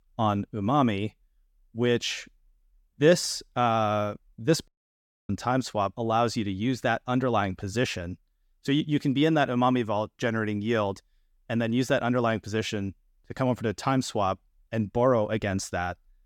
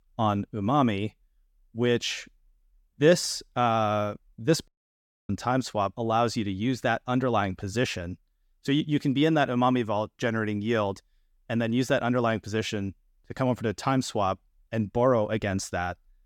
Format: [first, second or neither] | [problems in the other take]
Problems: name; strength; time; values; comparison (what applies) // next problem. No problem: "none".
neither | audio cutting out; at 4.5 s for 0.5 s; the same in both